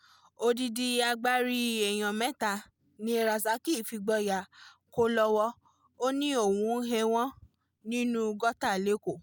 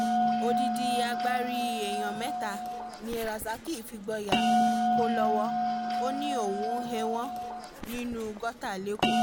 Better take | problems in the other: first | background sound (Bell); 5 dB above the speech

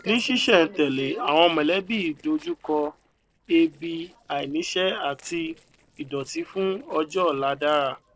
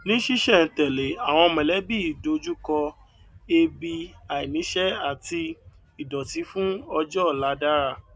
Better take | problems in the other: second | noise reduction (neural separator model SepFormer DNS4)

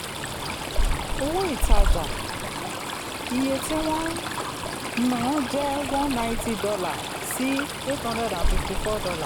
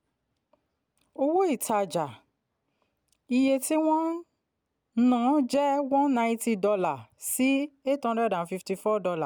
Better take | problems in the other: second | background sound (Stream); 3 dB above the speech

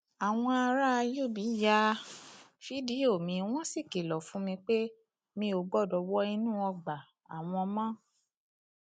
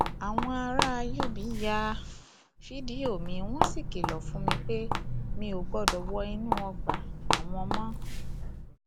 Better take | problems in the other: first | background sound (Walk, footsteps); 5 dB above the speech

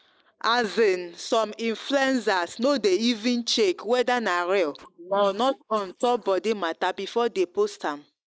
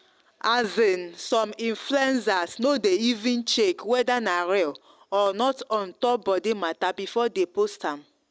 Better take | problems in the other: second | noise reduction (neural mask model Resemble Enhance denoiser)

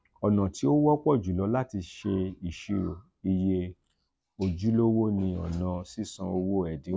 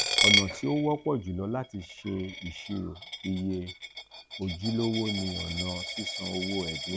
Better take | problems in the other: first | background sound (Coin (dropping)); as loud as the speech

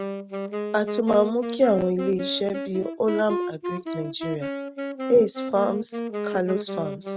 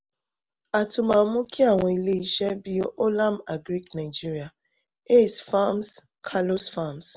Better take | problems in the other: second | noise reduction (neural mask model RNNoise)

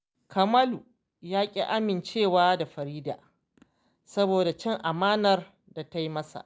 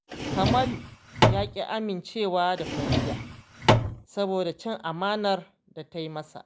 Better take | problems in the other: first | background sound (Drawer open or close); 4 dB above the speech

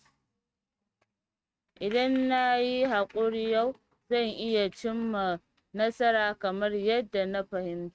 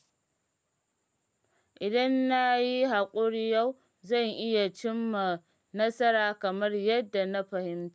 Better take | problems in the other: second | noise reduction (neural mask model RNNoise)

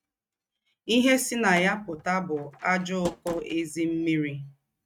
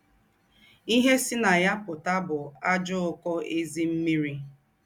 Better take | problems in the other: second | noise reduction (neural mask model RNNoise)

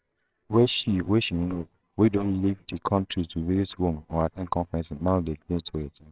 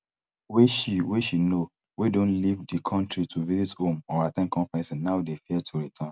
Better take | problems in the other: second | noise reduction (neural separator model SepFormer WHAMR!)

